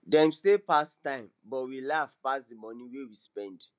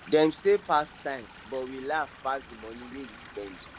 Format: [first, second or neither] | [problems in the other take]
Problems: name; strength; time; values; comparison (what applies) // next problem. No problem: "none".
first | background sound (Stream / Liquid); 19 dB below the speech